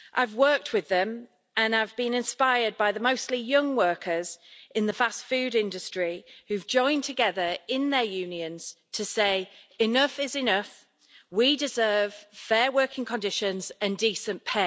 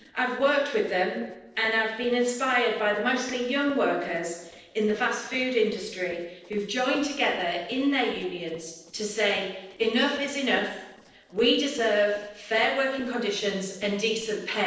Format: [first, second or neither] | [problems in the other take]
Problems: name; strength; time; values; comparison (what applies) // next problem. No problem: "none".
first | noise reduction (neural separator model SepFormer DNS4)